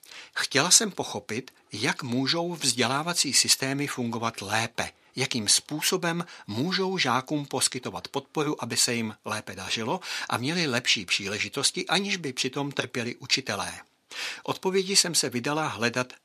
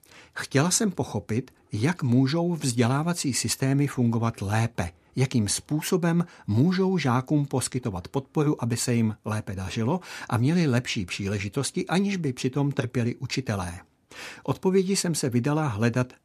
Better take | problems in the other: second | thin; somewhat; fading below 700 Hz

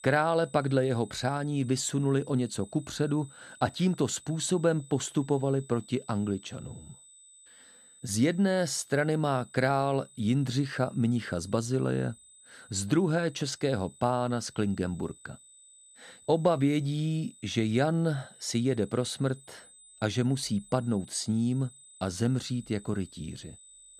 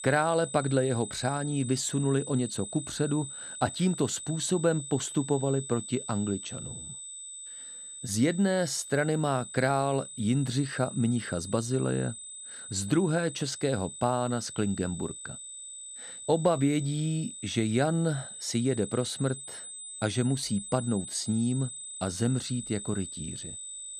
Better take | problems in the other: first | high-pitched whine; loud; throughout; 8 kHz, 10 dB below the speech; faint in the first

